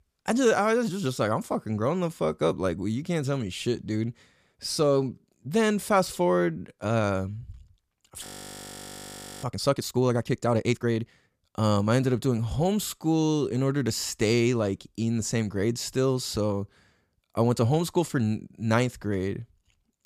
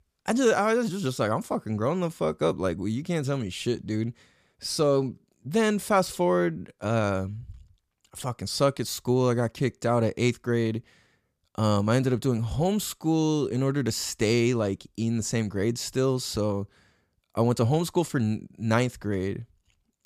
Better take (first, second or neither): second